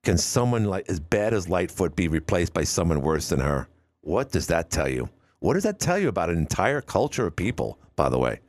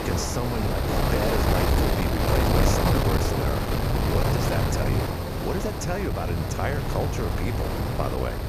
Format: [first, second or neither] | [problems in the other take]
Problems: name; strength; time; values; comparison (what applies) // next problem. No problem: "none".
first | wind noise on the microphone; heavy; 4 dB above the speech